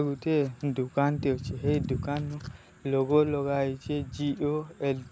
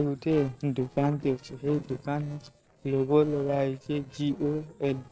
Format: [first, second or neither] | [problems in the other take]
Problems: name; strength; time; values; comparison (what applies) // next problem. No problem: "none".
first | noise reduction (neural separator model SepFormer DNS4)